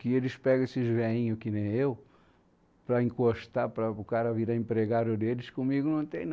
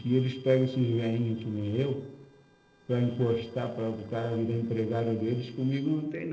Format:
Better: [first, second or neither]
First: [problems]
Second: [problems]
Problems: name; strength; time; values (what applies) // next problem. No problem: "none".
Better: first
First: none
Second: noise reduction (neural separator model SepFormer DNS4)